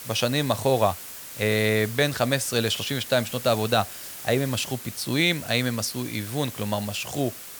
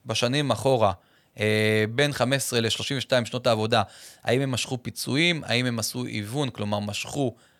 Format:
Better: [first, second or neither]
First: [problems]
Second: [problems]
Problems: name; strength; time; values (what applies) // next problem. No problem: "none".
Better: second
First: hiss; noticeable; throughout; 10 dB below the speech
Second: none